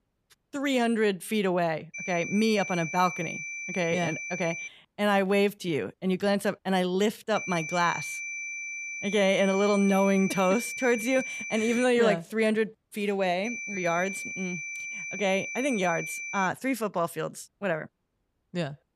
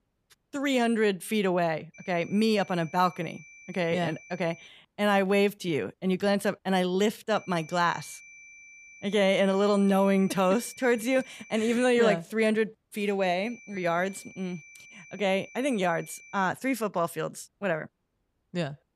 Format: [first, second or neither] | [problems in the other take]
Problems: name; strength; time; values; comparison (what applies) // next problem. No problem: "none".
second | high-pitched whine; loud; from 2 to 4.5 s, from 7.5 to 12 s and from 13 to 16 s; 2.5 kHz, 7 dB below the speech; faint in the second